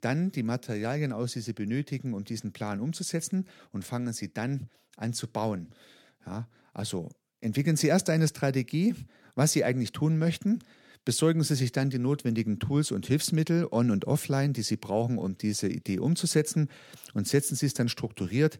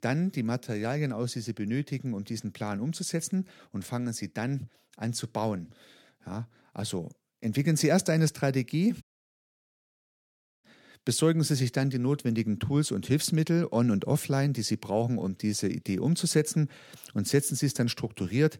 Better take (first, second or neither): first